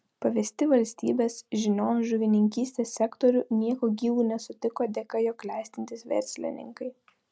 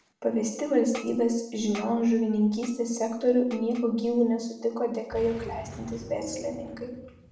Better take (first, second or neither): first